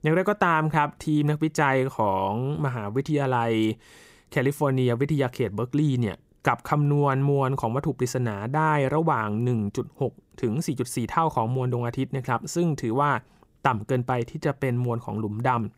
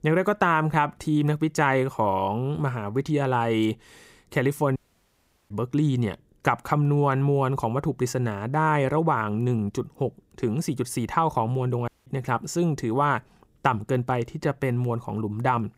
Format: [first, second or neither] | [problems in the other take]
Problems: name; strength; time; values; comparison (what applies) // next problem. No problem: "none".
first | audio cutting out; at 5 s for 0.5 s and at 12 s